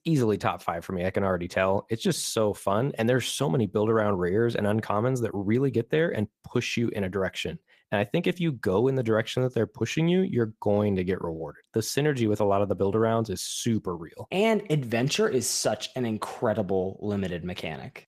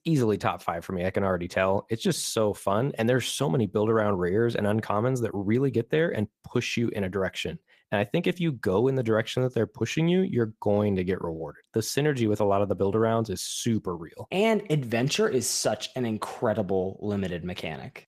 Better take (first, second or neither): neither